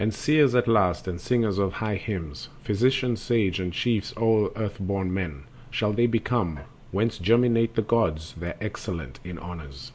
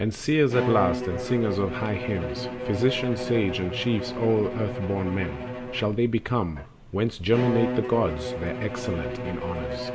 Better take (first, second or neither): first